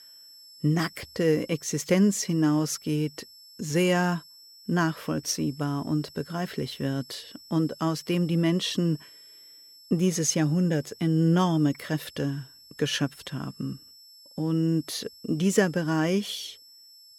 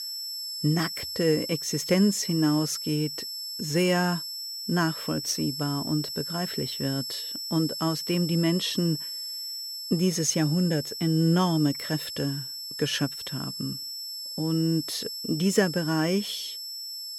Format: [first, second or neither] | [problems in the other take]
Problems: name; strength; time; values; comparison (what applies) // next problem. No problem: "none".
first | high-pitched whine; loud; throughout; 5.5 kHz, 6 dB below the speech; faint in the first